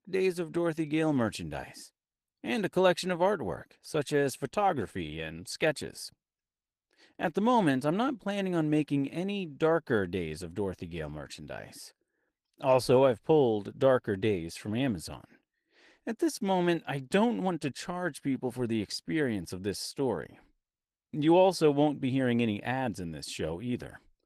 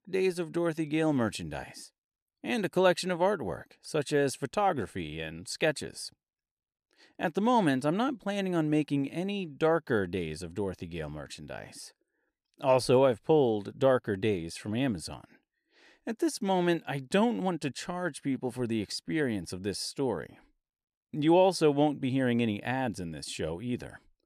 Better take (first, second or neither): second